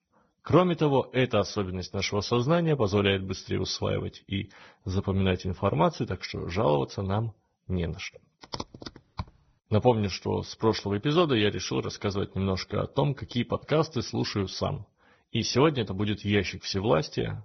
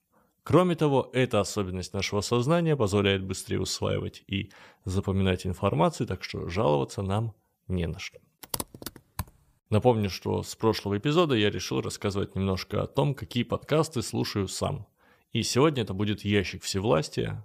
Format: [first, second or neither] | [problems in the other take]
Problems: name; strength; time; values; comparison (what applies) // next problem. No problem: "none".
second | garbled, watery; badly; nothing above 6 kHz